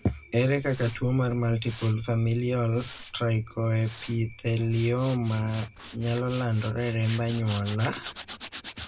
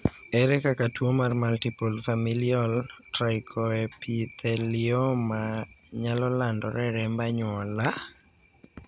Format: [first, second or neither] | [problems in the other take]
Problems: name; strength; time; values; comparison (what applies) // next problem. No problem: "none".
second | background sound (Tools); 17 dB below the speech // room echo; dies away in 0.2 s